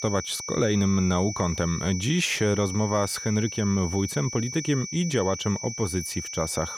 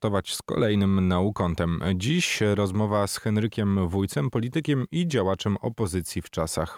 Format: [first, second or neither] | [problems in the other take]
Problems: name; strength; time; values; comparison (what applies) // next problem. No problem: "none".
second | high-pitched whine; loud; throughout; 6 kHz, 8 dB below the speech